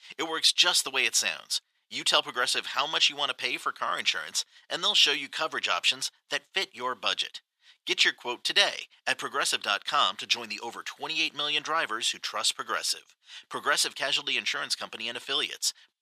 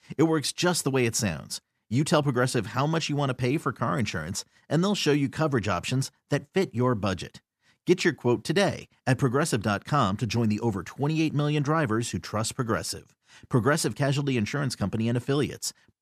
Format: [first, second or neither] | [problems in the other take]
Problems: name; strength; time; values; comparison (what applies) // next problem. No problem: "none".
second | thin; very; fading below 800 Hz